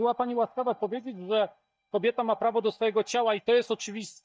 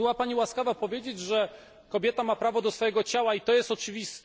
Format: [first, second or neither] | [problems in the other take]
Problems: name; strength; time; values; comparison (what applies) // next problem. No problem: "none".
second | noise reduction (neural mask model DeepFilterNet 3)